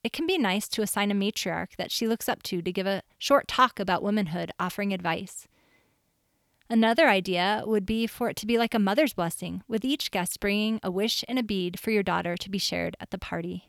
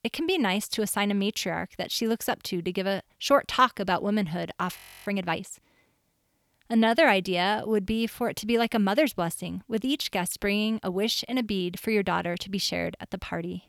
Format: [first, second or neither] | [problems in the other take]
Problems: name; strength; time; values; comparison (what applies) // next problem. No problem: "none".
first | audio freezing; at 5 s